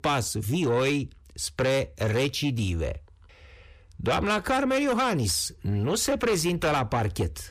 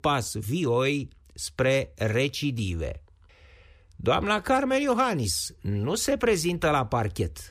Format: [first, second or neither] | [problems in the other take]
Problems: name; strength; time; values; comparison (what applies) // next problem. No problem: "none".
second | distortion; slight; 10 dB below the speech